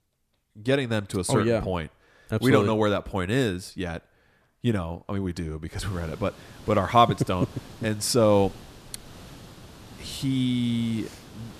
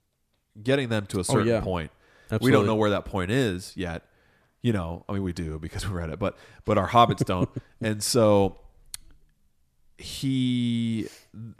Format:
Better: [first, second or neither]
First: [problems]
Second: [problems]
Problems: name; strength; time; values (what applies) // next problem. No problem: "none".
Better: second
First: hiss; faint; from 6 s on; 20 dB below the speech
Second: none